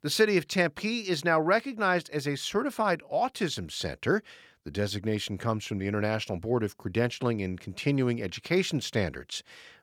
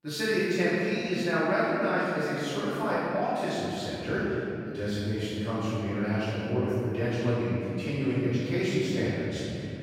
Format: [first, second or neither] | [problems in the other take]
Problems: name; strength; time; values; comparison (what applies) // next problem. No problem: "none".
first | room echo; strong; dies away in 3 s // off-mic speech; far